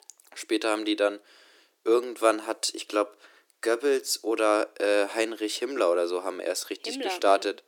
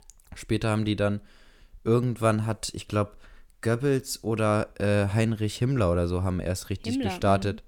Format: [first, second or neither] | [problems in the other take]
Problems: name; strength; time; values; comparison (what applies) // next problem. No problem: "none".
second | thin; very; fading below 300 Hz